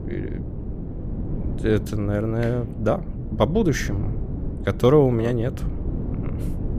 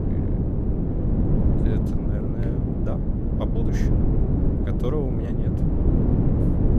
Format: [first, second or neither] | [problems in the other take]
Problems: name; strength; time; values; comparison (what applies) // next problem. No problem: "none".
first | wind noise on the microphone; heavy; 5 dB above the speech; occasional gusts in the first